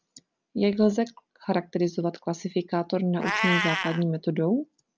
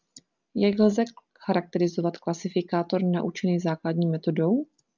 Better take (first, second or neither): second